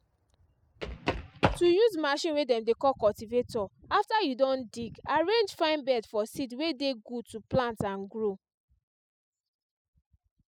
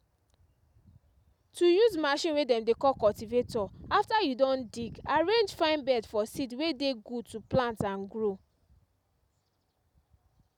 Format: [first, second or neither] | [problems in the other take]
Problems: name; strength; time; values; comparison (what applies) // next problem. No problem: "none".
second | noise reduction (classical method spectral subtraction)